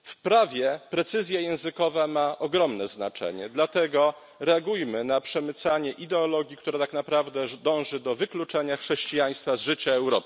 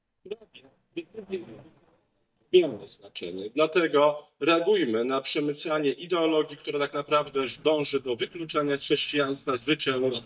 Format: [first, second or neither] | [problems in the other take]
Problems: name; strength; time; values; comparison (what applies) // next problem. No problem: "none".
first | noise reduction (neural mask model DeepFilterNet 3)